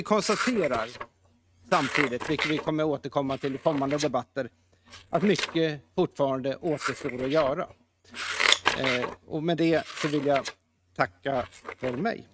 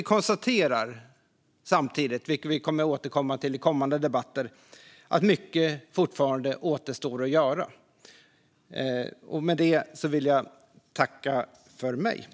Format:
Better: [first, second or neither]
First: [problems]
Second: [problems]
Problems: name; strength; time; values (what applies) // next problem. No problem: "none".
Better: second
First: noise reduction (neural mask model RNNoise)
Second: none